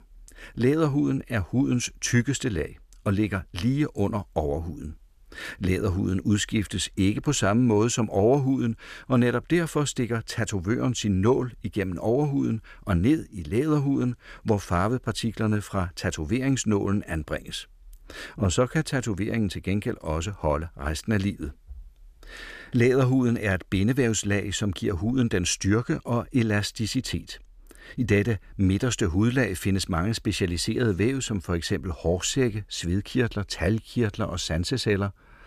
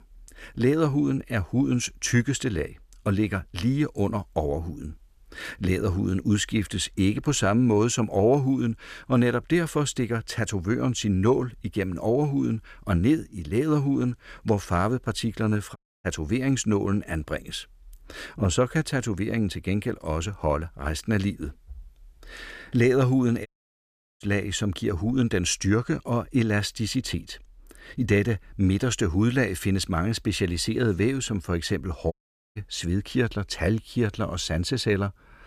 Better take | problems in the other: first | audio cutting out; at 16 s, at 23 s for 0.5 s and at 32 s

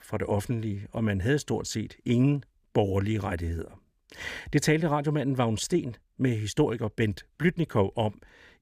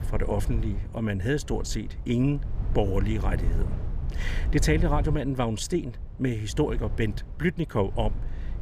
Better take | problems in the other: first | low rumble; noticeable; throughout; 15 dB below the speech

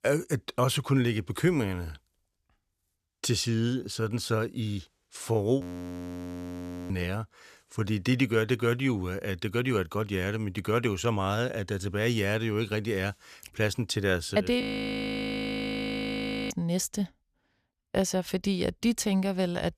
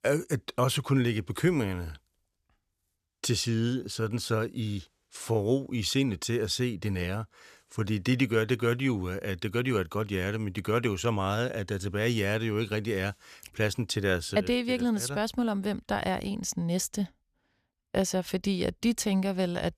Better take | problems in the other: second | audio freezing; at 5.5 s for 1.5 s and at 15 s for 2 s

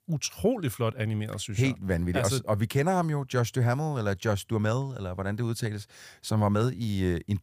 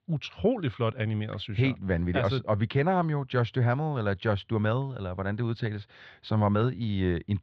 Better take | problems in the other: first | muffled; slightly; fading above 4 kHz

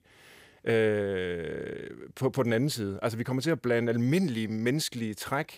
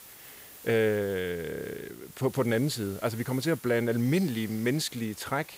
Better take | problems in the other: first | hiss; noticeable; throughout; 15 dB below the speech

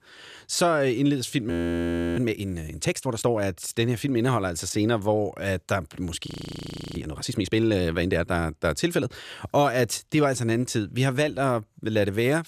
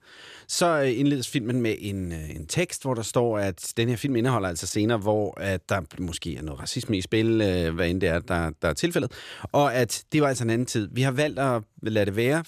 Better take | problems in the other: second | audio freezing; at 1.5 s for 0.5 s and at 6.5 s for 0.5 s

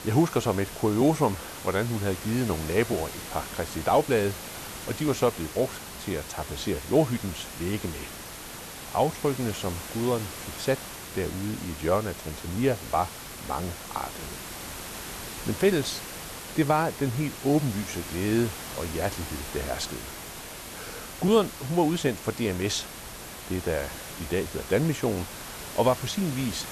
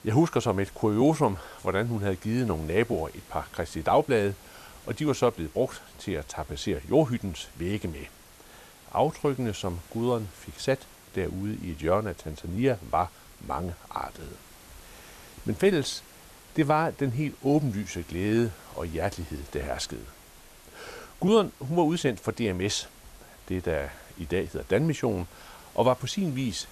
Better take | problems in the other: second | hiss; loud; throughout; 9 dB below the speech; faint in the second

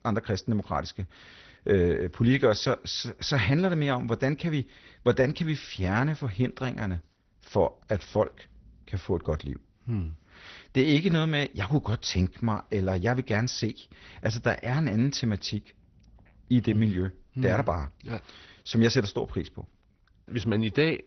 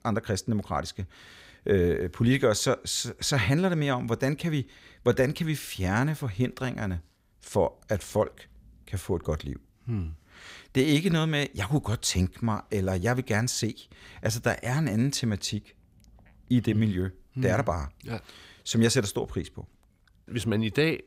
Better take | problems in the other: second | garbled, watery; slightly; nothing above 6 kHz

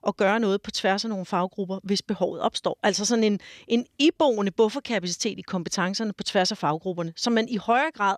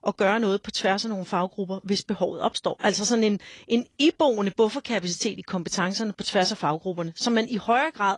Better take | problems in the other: first | garbled, watery; slightly

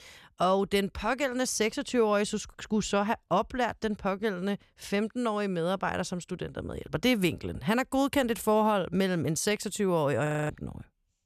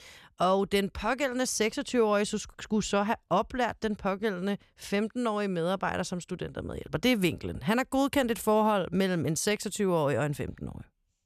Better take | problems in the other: second | audio freezing; at 10 s

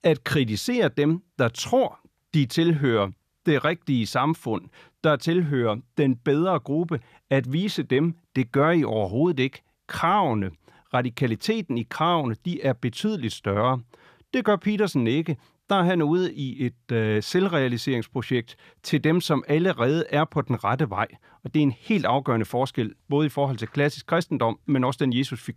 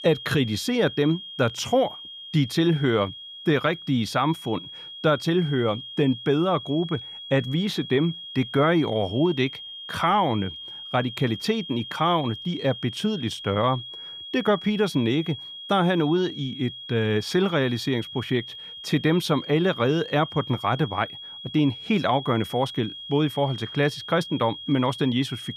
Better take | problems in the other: first | high-pitched whine; noticeable; throughout; 3.5 kHz, 10 dB below the speech

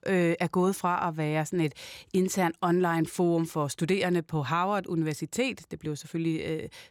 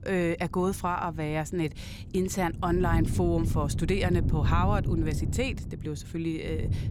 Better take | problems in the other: first | wind noise on the microphone; occasional gusts; 10 dB below the speech

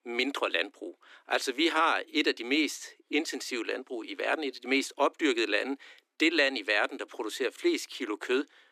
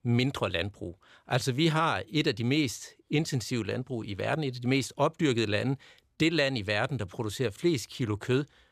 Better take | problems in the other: second | thin; somewhat; fading below 250 Hz

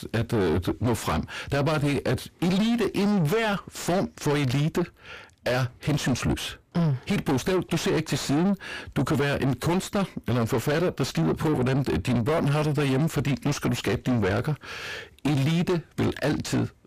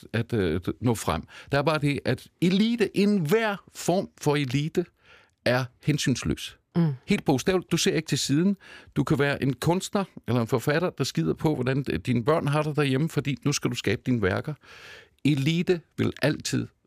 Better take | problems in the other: second | distortion; heavy; 6 dB below the speech

